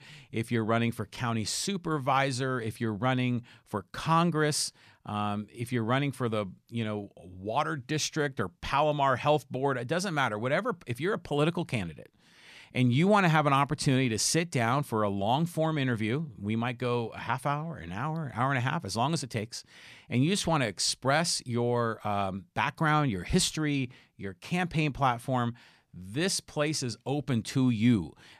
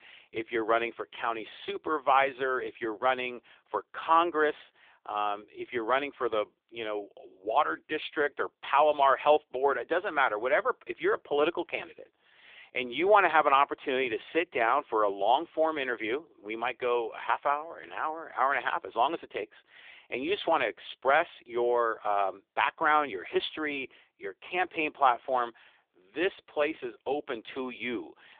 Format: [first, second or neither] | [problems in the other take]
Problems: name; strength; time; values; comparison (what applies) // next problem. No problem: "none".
first | phone-call audio; poor line; nothing above 3.5 kHz